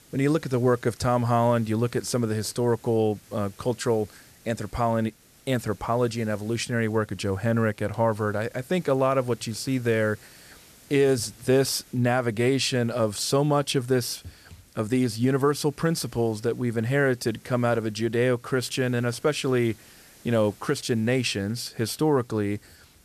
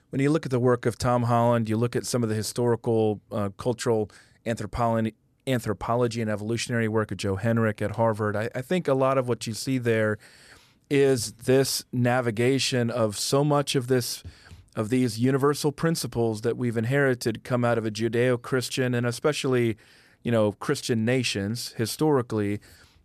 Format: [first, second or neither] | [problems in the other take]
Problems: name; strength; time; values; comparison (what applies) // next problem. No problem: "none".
second | hiss; faint; throughout; 25 dB below the speech